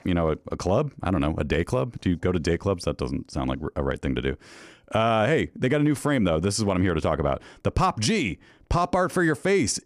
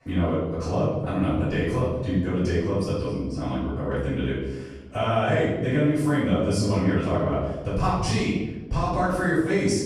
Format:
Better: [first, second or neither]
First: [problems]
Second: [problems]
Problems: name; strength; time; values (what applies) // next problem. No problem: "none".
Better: first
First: none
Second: off-mic speech; far // room echo; strong; dies away in 1.1 s